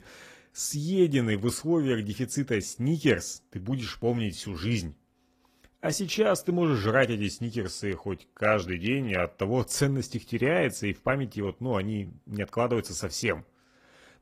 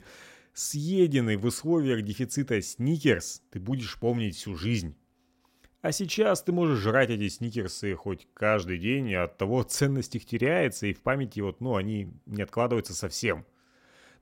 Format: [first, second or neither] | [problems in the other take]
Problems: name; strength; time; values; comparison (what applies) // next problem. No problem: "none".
second | garbled, watery; slightly; nothing above 14.5 kHz